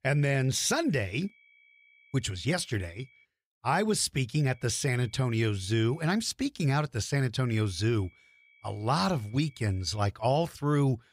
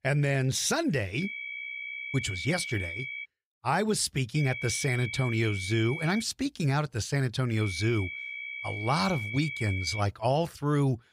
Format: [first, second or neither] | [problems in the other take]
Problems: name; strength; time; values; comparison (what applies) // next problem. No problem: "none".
first | high-pitched whine; loud; from 1 to 3 s, from 4.5 to 6 s and from 7.5 to 10 s; 2.5 kHz, 7 dB below the speech; faint in the first